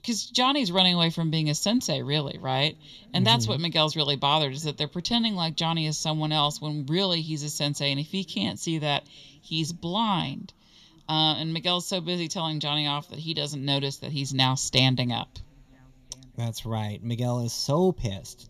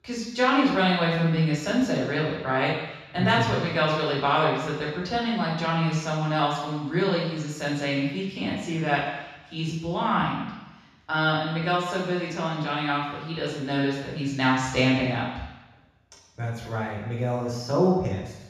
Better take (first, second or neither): first